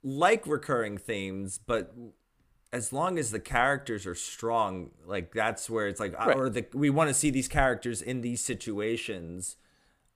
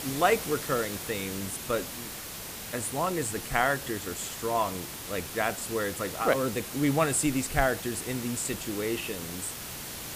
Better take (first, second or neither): first